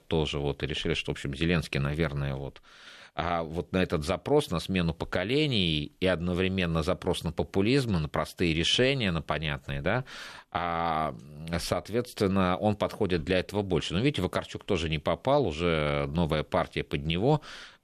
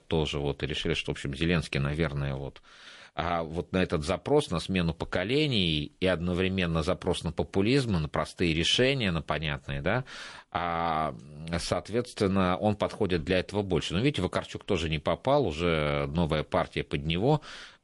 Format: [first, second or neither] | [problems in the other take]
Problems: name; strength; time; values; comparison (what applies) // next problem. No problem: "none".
first | garbled, watery; slightly; nothing above 11 kHz